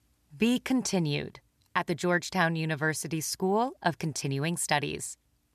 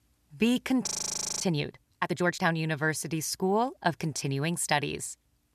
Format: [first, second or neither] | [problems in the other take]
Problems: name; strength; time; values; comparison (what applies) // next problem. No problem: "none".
first | audio freezing; at 1 s for 0.5 s